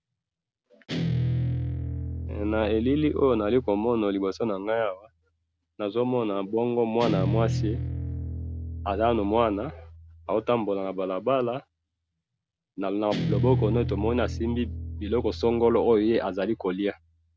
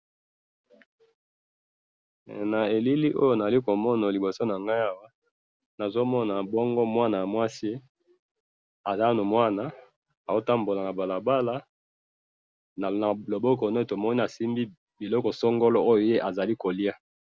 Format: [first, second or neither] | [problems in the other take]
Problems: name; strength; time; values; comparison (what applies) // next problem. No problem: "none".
second | background sound (Guitar); 6 dB below the speech